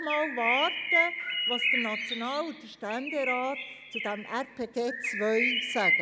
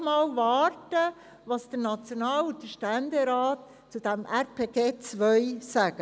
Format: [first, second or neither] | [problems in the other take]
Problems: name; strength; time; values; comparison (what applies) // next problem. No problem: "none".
second | background sound (Bird); 1 dB above the speech